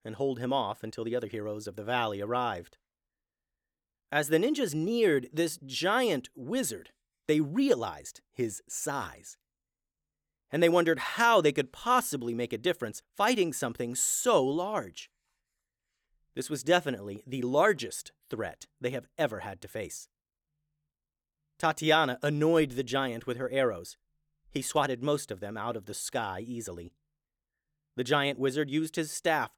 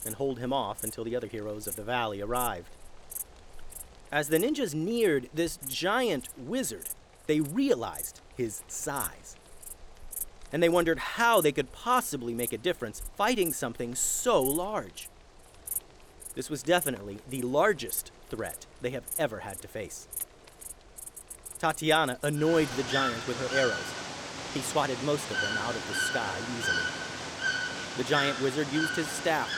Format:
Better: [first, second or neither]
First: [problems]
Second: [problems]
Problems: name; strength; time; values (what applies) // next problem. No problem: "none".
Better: first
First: none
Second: animal sounds; loud; throughout; 6 dB below the speech